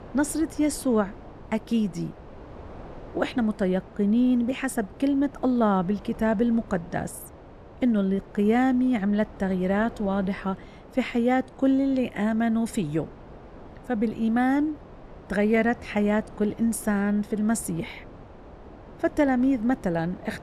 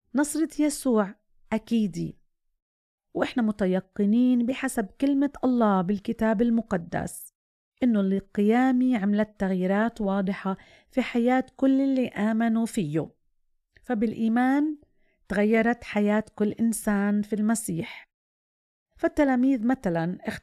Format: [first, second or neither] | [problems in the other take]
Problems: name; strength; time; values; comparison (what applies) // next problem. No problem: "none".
second | wind noise on the microphone; occasional gusts; 20 dB below the speech